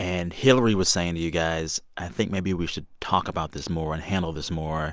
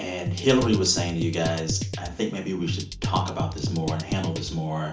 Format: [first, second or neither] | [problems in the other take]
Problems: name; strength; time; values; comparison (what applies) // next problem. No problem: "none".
first | background sound (Drum kit); 3 dB below the speech // room echo; dies away in 0.4 s